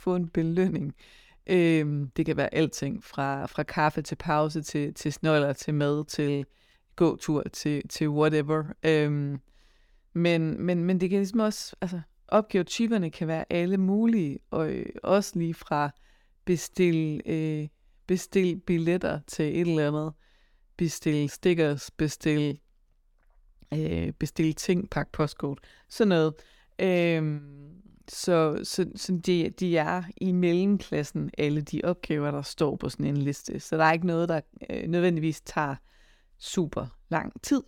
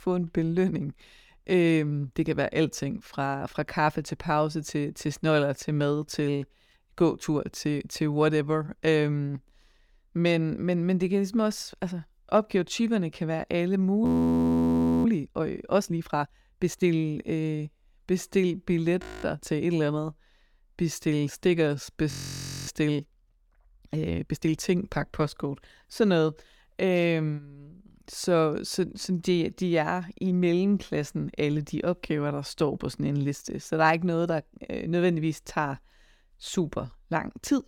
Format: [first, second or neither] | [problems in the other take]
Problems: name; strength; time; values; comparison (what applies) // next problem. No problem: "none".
first | audio freezing; at 14 s for 1 s, at 19 s and at 22 s for 0.5 s